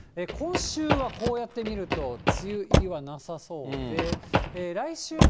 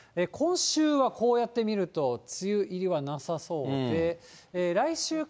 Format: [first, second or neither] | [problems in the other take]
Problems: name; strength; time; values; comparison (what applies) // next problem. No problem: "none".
second | background sound (Motor vehicle (road) + Run); 4 dB above the speech